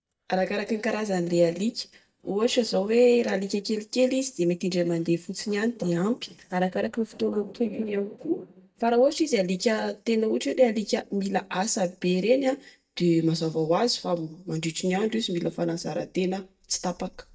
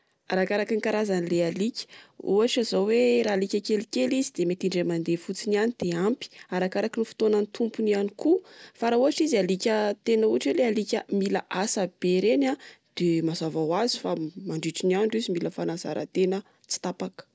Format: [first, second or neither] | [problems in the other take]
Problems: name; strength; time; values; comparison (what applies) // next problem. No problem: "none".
second | noise reduction (neural mask model DeepFilterNet 3)